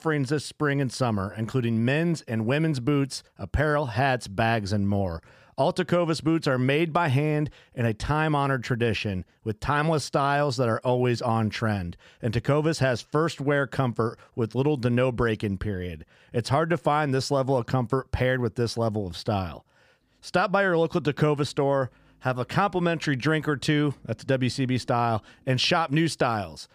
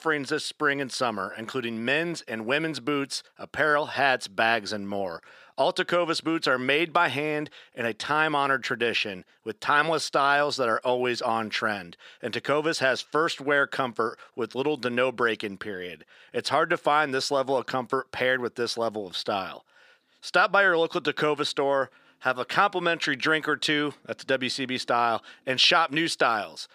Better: first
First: none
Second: thin; somewhat; fading below 350 Hz

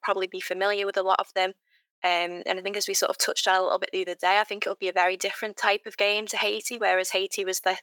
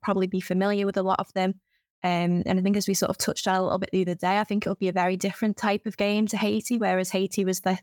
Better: second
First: thin; very; fading below 400 Hz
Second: none

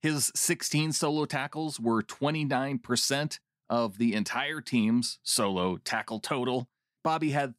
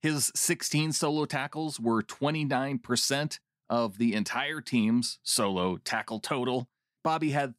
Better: neither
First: none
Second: none

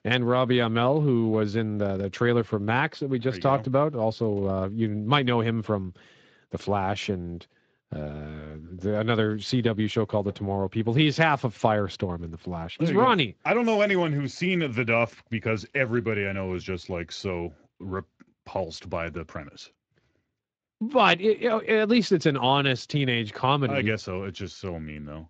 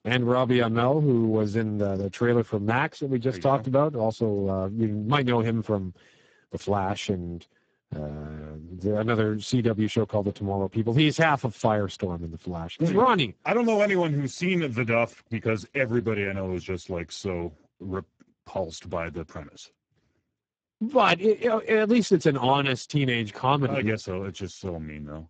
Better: first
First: garbled, watery; slightly; nothing above 7.5 kHz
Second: garbled, watery; badly; nothing above 7.5 kHz

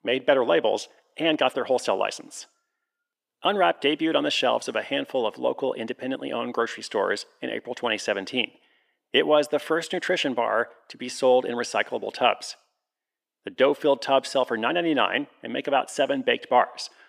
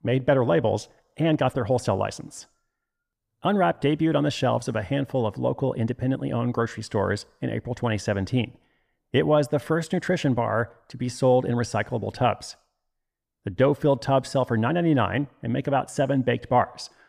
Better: second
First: thin; somewhat; fading below 300 Hz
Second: none

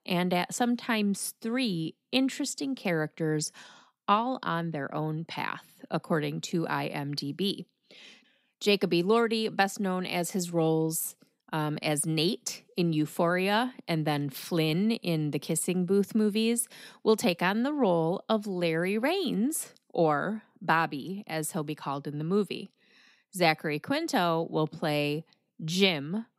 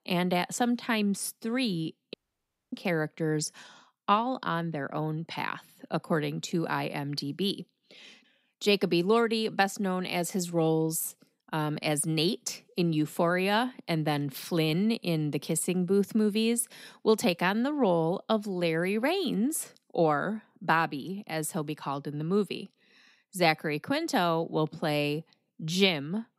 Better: first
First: none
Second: audio cutting out; at 2 s for 0.5 s

